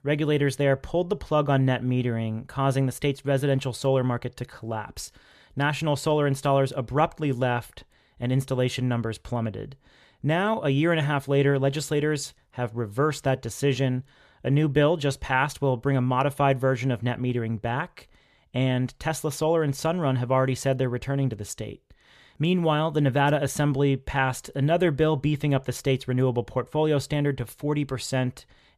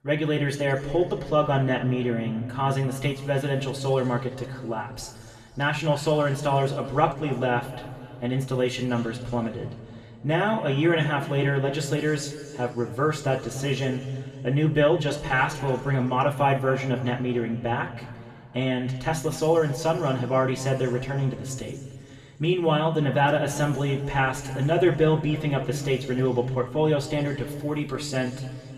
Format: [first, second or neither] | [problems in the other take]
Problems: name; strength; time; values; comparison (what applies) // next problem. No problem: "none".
first | room echo; slight; dies away in 2.2 s // off-mic speech; somewhat distant